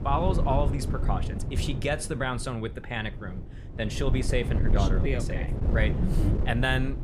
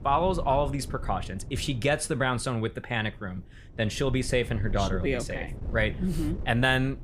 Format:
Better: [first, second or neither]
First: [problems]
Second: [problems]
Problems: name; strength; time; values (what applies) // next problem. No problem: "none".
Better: second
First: wind noise on the microphone; heavy; 8 dB below the speech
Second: wind noise on the microphone; occasional gusts; 20 dB below the speech